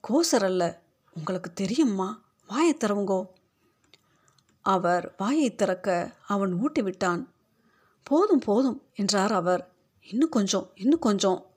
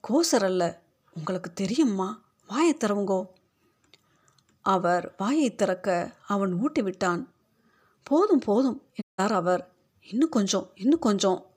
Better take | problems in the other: first | audio cutting out; at 9 s

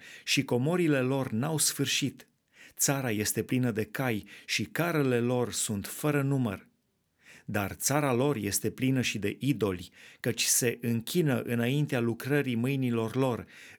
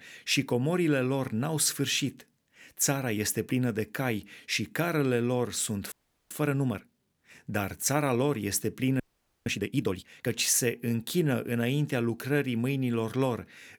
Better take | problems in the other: first | audio freezing; at 6 s and at 9 s

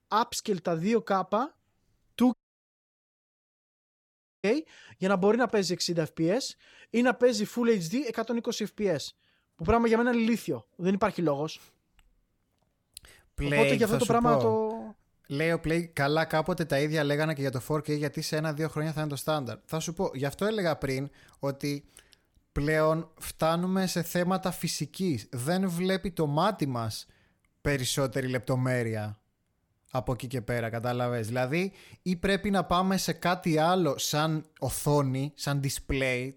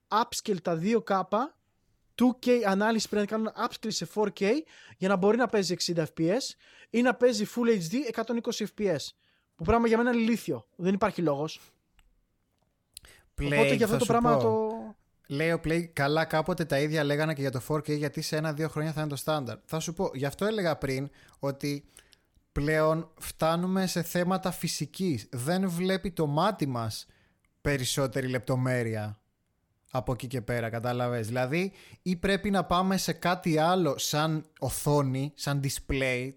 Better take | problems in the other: second | audio cutting out; at 2.5 s for 2 s

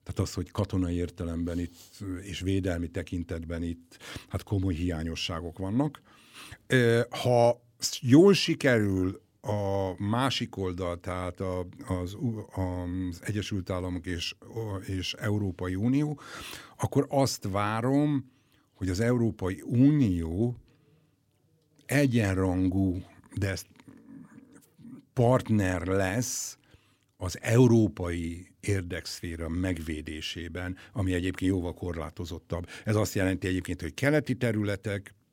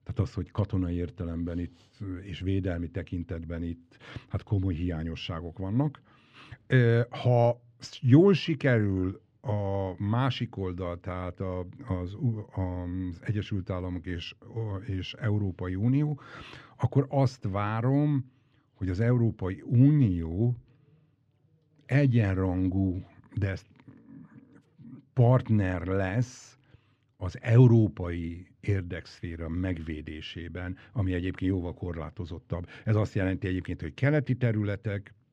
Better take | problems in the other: first | muffled; slightly; fading above 3 kHz

